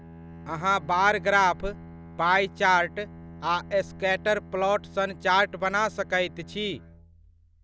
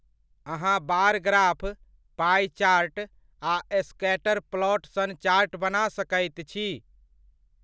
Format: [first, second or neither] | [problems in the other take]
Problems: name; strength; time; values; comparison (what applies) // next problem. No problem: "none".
second | background sound (Bowed string instrument); 18 dB below the speech